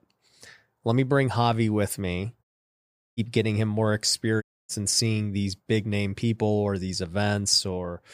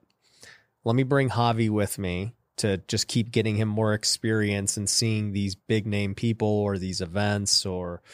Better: second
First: audio cutting out; at 2.5 s for 0.5 s and at 4.5 s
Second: none

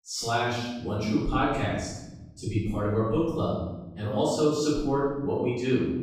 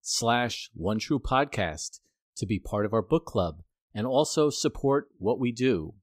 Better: second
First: off-mic speech; far // room echo; strong; dies away in 1.2 s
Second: none

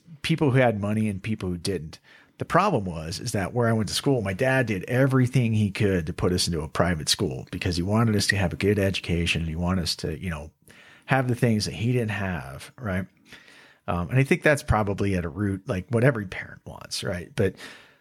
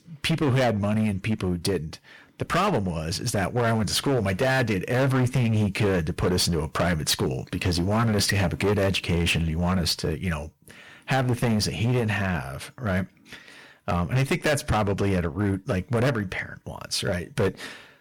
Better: first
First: none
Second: distortion; heavy; 14% of the sound clipped

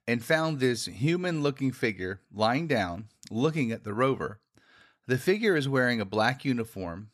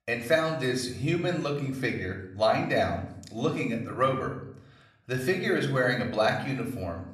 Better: first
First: none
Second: room echo; slight; dies away in 0.6 s // off-mic speech; somewhat distant

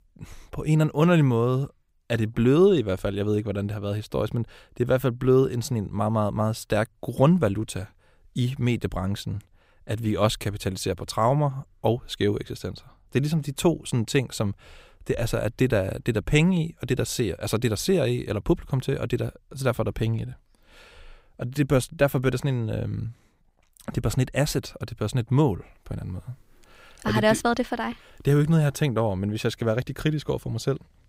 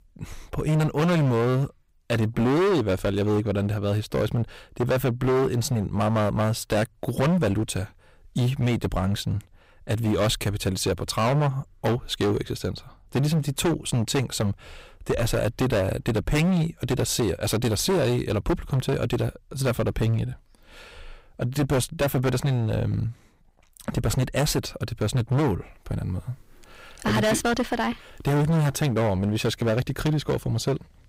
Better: first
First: none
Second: distortion; heavy; 15% of the sound clipped

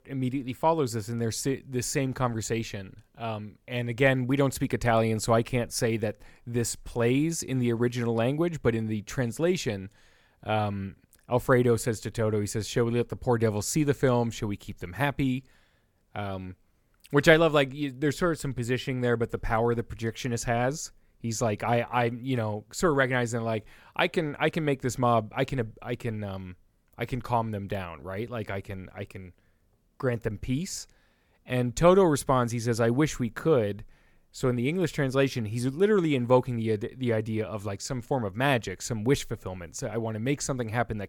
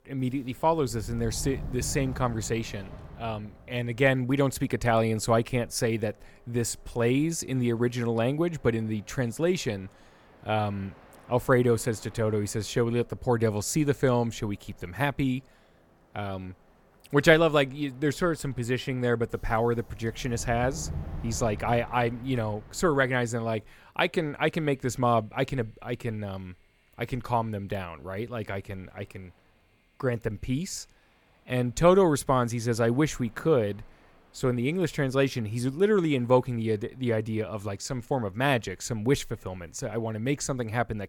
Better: first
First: none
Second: train or aircraft noise; noticeable; throughout; 20 dB below the speech

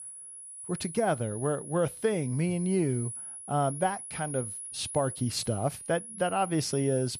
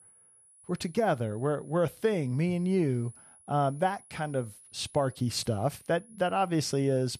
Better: second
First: high-pitched whine; loud; throughout; 10.5 kHz, 9 dB below the speech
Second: high-pitched whine; faint; throughout; 10.5 kHz, 25 dB below the speech

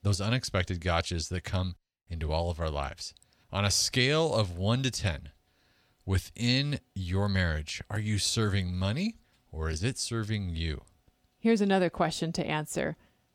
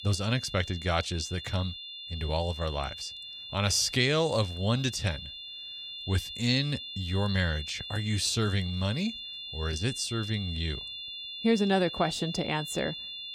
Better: first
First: none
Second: high-pitched whine; loud; throughout; 3.5 kHz, 9 dB below the speech

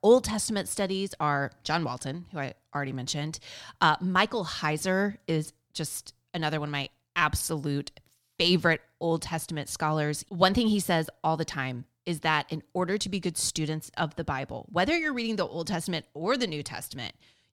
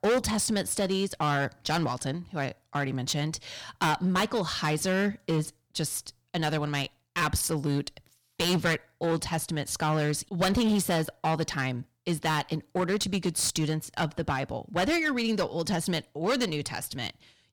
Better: first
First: none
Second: distortion; heavy; 9% of the sound clipped

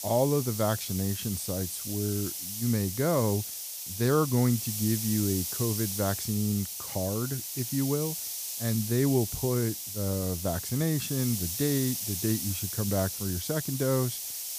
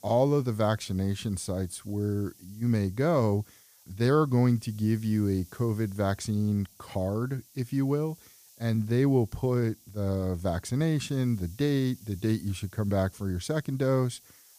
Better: second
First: hiss; loud; throughout; 3 dB below the speech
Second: hiss; faint; throughout; 25 dB below the speech

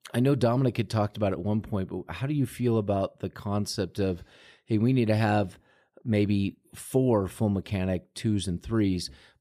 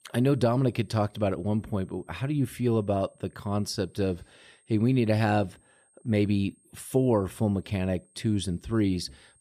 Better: first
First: none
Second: high-pitched whine; faint; throughout; 8.5 kHz, 35 dB below the speech

